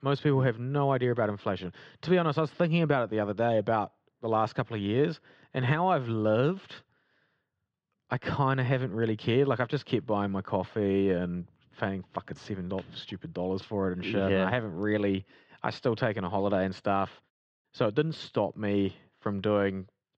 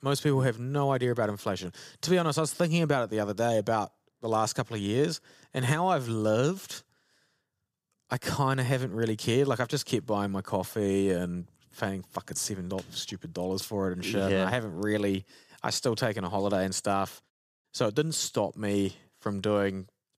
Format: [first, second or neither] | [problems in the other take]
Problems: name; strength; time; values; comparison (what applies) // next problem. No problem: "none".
second | muffled; very; fading above 3.5 kHz